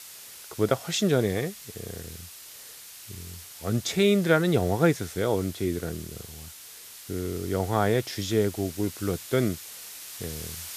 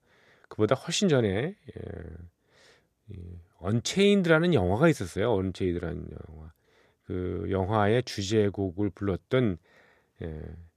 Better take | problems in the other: second | hiss; noticeable; throughout; 15 dB below the speech

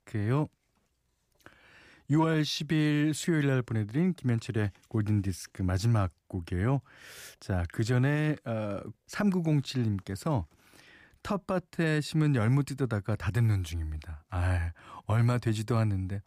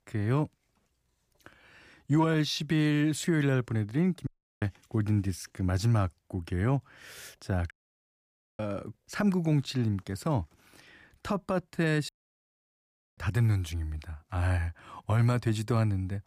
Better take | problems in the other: first | audio cutting out; at 4.5 s, at 7.5 s for 1 s and at 12 s for 1 s

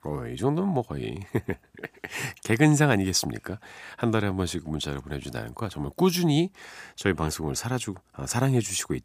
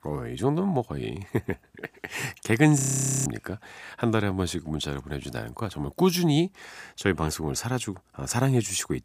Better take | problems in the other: first | audio freezing; at 3 s

